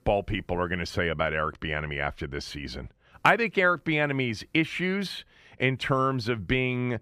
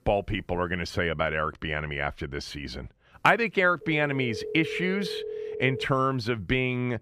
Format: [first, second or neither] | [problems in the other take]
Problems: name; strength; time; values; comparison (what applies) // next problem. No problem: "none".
first | phone ringing; noticeable; from 4 to 6 s; peak 8 dB below the speech